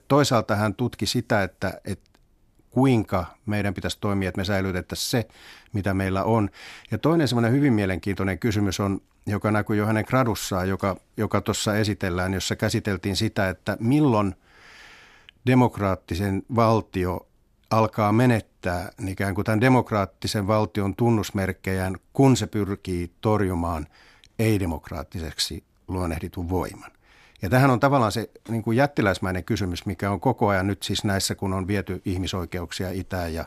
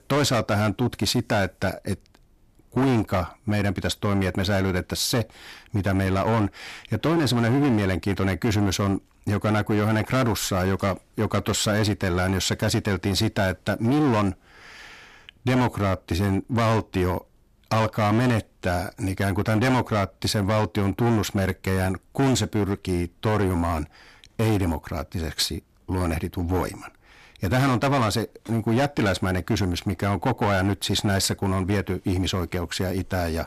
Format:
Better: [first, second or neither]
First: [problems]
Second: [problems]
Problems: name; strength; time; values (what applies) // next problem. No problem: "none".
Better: first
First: none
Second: distortion; heavy; 14% of the sound clipped